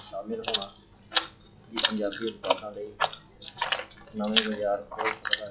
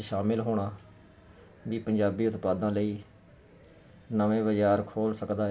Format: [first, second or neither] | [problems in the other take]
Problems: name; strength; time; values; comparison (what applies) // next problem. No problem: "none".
second | noise reduction (classical method log-MMSE)